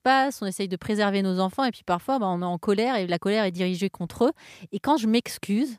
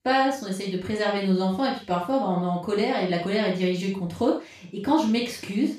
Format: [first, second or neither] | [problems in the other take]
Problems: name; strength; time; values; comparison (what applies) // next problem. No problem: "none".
first | room echo; noticeable; dies away in 0.3 s // off-mic speech; far